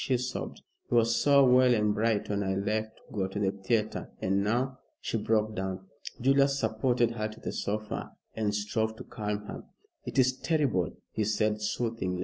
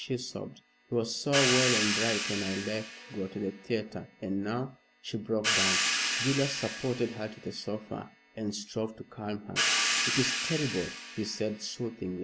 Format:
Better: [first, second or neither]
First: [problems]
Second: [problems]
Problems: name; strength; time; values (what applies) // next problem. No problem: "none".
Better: first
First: none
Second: background sound (Hi-hat); as loud as the speech